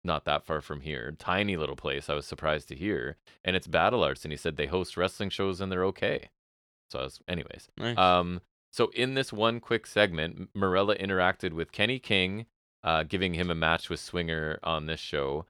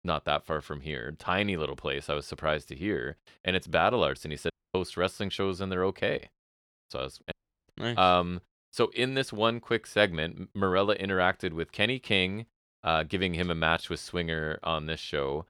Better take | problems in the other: first | audio cutting out; at 4.5 s and at 7.5 s

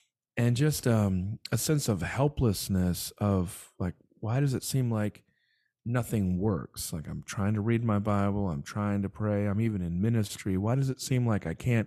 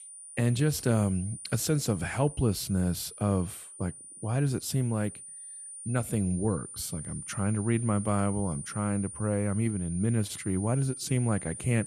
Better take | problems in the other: first | high-pitched whine; noticeable; throughout; 9.5 kHz, 10 dB below the speech

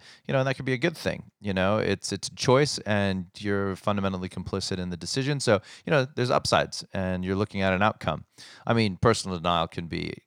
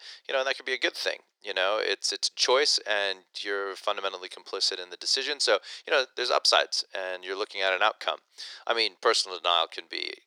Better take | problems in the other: first | thin; very; fading below 350 Hz

